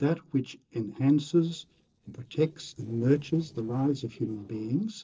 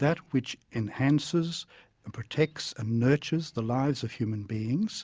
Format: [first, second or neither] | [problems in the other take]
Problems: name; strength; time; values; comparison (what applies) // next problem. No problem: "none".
second | noise reduction (neural separator model SepFormer DNS4)